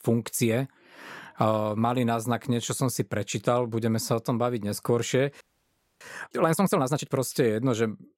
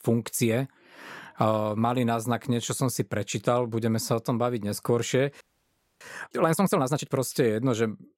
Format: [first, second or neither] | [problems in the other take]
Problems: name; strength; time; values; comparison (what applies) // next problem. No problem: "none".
neither | audio freezing; at 5.5 s for 0.5 s; the same in both